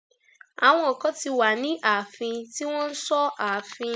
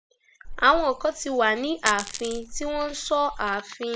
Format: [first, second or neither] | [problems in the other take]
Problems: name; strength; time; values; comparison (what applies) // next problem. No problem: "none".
first | background sound (Coin (dropping)); 11 dB below the speech